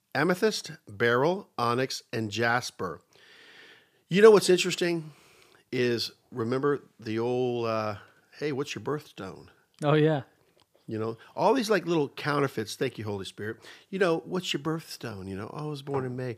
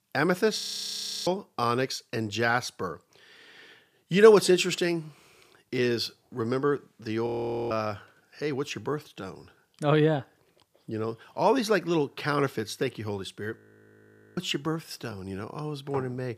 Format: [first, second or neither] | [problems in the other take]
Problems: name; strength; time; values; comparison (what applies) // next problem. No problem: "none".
first | audio freezing; at 0.5 s for 0.5 s, at 7.5 s and at 14 s for 1 s